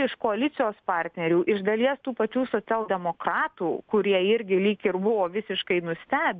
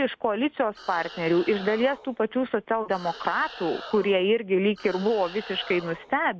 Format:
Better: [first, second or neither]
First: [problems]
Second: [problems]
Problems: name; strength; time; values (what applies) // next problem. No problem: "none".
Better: first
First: none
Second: background sound (Animal); 17 dB below the speech